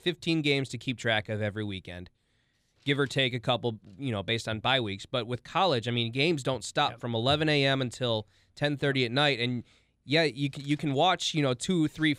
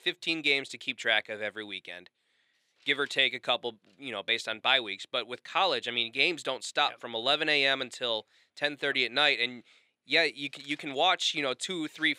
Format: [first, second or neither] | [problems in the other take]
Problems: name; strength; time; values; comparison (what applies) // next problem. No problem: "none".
first | thin; somewhat; fading below 400 Hz